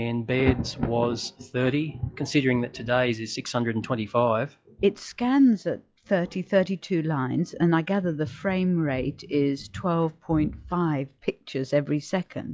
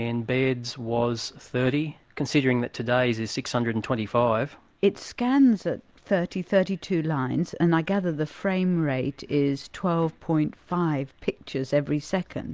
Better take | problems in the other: second | noise reduction (classical method log-MMSE)

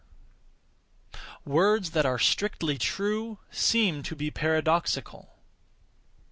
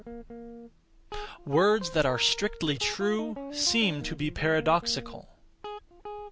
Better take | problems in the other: first | background sound (Guitar); 13 dB below the speech

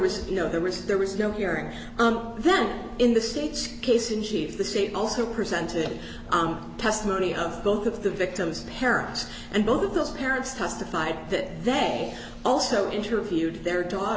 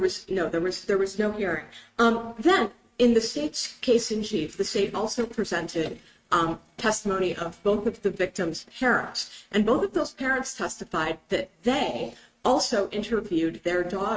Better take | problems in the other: first | noise reduction (neural mask model RNNoise)

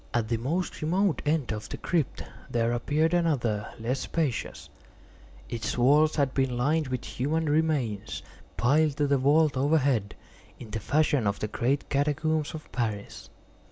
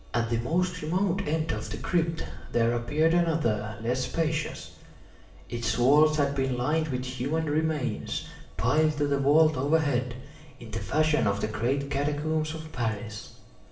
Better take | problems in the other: first | room echo; dies away in 0.9 s

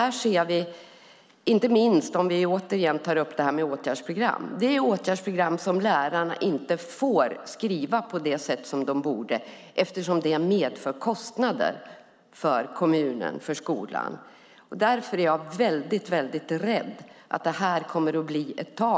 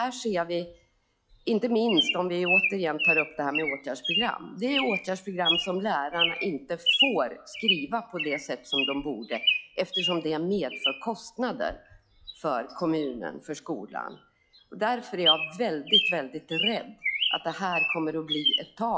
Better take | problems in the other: first | noise reduction (classical method log-MMSE)

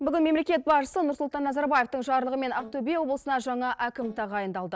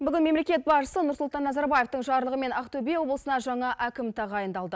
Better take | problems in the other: second | noise reduction (neural separator model SepFormer DNS4)

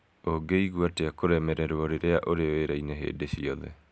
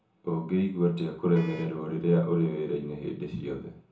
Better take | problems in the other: first | background sound (Vehicle horn, car horn, honking); 19 dB below the speech // room echo; dies away in 0.6 s

